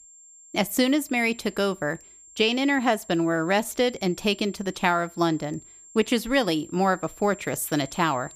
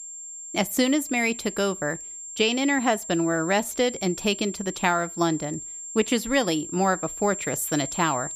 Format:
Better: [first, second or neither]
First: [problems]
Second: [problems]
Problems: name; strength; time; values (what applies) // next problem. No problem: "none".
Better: first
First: high-pitched whine; faint; throughout; 7.5 kHz, 20 dB below the speech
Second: high-pitched whine; loud; throughout; 7.5 kHz, 9 dB below the speech